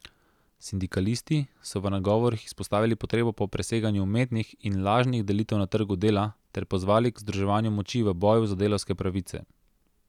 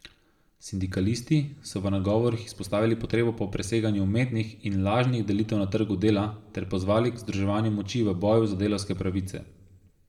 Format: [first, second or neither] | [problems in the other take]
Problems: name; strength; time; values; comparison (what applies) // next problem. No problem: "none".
first | room echo; dies away in 0.6 s